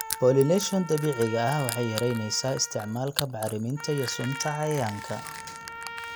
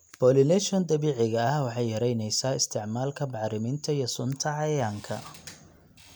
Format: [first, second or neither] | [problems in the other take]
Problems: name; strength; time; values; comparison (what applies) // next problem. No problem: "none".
second | background sound (Crushing + Trumpet); 10 dB below the speech